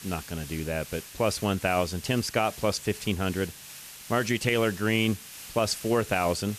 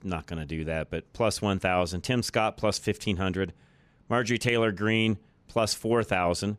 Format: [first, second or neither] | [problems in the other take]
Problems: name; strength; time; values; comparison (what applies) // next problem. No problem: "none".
second | hiss; noticeable; throughout; 15 dB below the speech